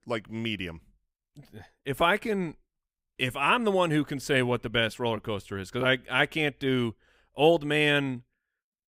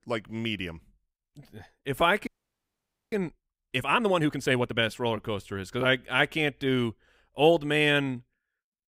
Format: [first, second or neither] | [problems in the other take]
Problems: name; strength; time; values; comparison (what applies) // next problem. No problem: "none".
first | audio freezing; at 2.5 s for 1 s